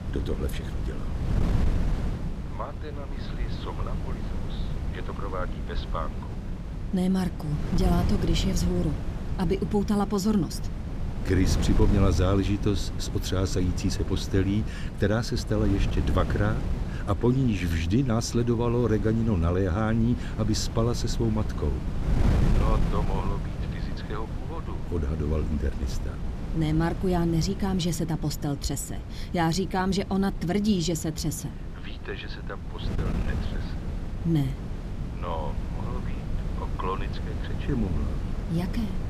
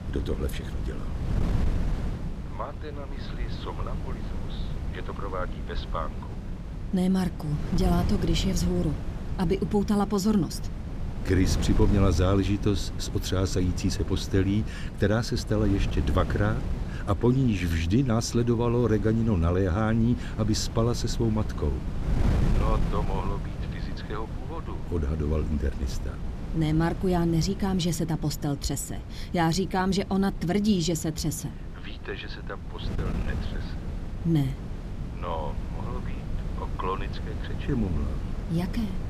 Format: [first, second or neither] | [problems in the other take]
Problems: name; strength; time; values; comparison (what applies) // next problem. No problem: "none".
second | wind noise on the microphone; heavy; 9 dB below the speech; occasional gusts in the second